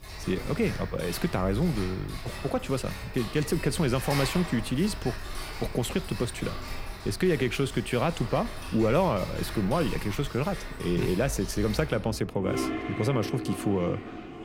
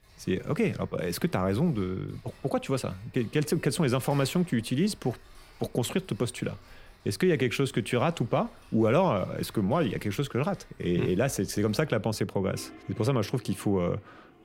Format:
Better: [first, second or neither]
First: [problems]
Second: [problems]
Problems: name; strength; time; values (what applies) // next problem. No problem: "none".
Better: second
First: household noises; loud; throughout; 9 dB below the speech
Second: household noises; faint; throughout; 25 dB below the speech